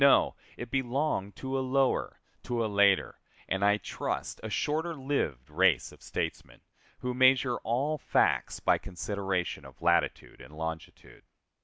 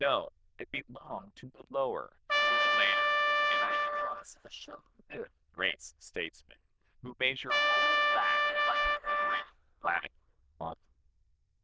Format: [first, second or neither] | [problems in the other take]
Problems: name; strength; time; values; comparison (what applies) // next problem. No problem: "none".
first | noise reduction (neural diffusion model UNIVERSE++)